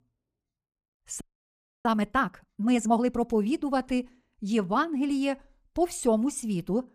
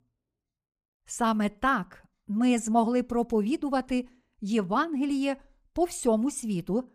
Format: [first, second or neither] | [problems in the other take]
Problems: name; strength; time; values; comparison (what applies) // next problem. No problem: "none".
second | audio freezing; at 1 s for 0.5 s